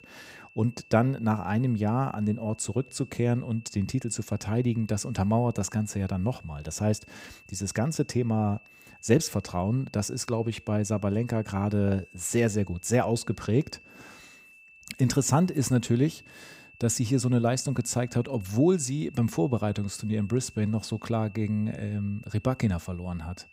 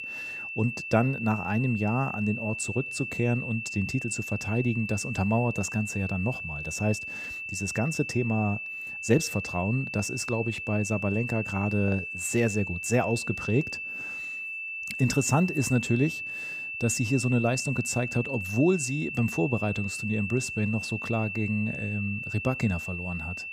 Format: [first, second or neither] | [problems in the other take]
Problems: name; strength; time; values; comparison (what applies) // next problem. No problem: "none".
first | high-pitched whine; loud; throughout; 2.5 kHz, 5 dB below the speech; faint in the first